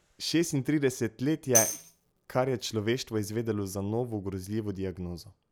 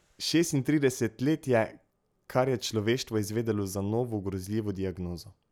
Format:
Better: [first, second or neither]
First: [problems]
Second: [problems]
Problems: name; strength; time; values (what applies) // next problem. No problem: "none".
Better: second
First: background sound (Tambourine); 2 dB below the speech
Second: none